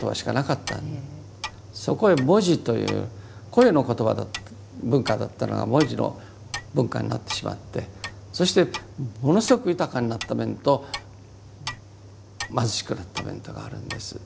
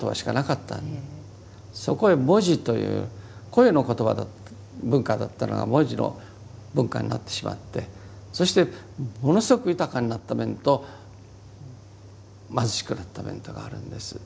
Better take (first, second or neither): second